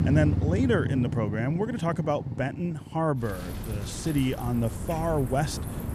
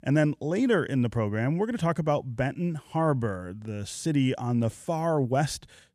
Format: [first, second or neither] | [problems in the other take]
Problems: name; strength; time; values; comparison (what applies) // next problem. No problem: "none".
second | traffic noise; loud; throughout; 4 dB below the speech